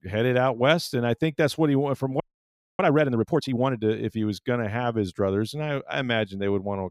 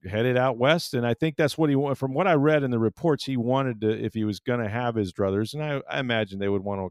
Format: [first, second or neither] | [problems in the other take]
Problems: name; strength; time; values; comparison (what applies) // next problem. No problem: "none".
second | audio freezing; at 2 s for 0.5 s